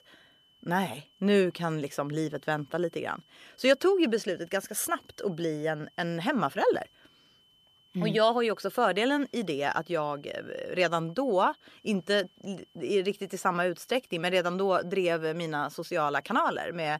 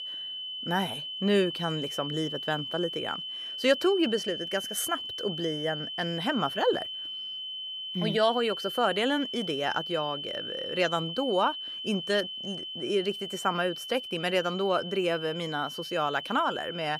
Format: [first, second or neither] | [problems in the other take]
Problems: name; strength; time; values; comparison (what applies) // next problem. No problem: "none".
first | high-pitched whine; loud; throughout; 3 kHz, 5 dB below the speech; faint in the first